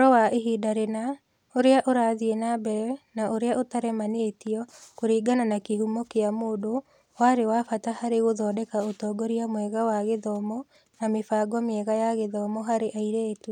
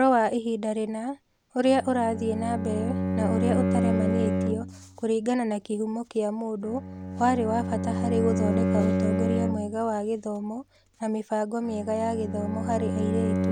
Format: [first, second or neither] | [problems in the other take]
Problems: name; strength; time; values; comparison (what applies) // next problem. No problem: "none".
first | background sound (Bowed string instrument); 1 dB below the speech